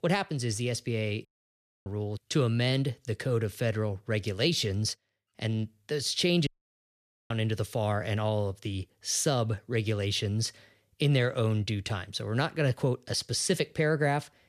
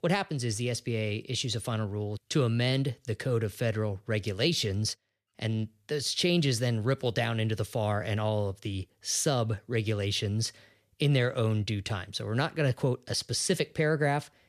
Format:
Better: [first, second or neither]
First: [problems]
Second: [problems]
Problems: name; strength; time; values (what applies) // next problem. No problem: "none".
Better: second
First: audio cutting out; at 1.5 s for 0.5 s and at 6.5 s for 1 s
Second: none